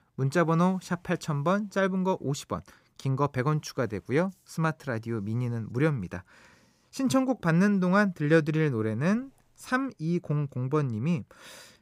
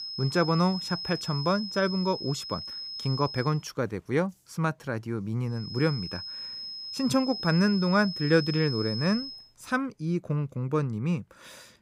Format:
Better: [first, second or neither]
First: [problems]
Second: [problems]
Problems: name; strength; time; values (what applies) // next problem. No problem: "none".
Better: first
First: none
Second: high-pitched whine; loud; until 3.5 s and from 5.5 to 9.5 s; 5 kHz, 7 dB below the speech